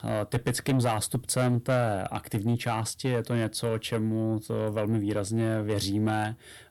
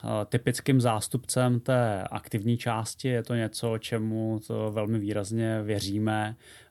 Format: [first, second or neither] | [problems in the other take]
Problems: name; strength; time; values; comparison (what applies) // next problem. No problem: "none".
second | distortion; slight; 10 dB below the speech